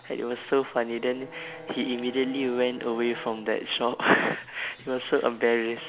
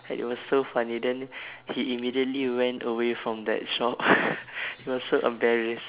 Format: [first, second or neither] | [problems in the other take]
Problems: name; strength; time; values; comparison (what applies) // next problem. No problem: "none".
second | background sound (Bowed string instrument); 19 dB below the speech